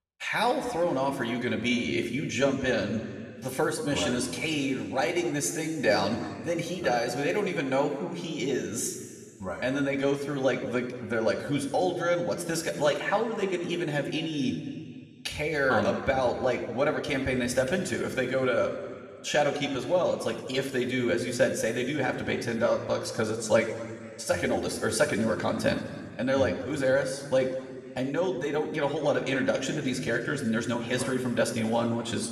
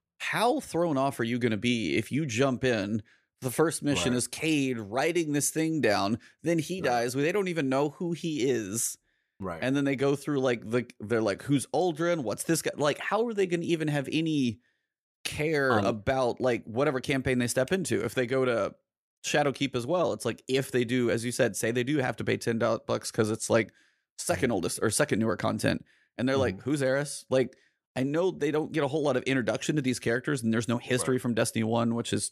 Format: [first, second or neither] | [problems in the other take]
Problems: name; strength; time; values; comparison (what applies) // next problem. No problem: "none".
second | room echo; slight; dies away in 1.9 s // off-mic speech; somewhat distant